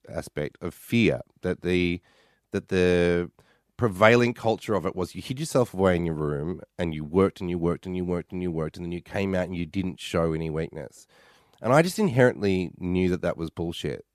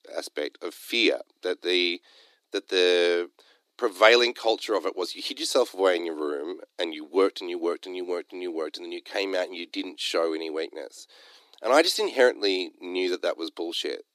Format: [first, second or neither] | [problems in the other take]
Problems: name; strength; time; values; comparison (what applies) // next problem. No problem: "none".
first | thin; somewhat; fading below 300 Hz